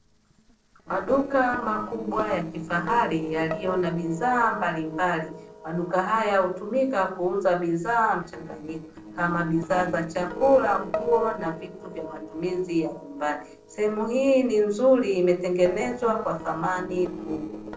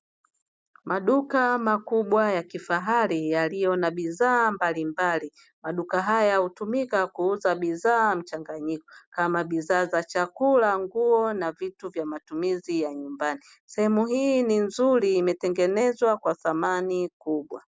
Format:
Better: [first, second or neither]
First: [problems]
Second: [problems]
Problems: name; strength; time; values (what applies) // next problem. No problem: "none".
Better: second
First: noise reduction (neural separator model SepFormer DNS4)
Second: none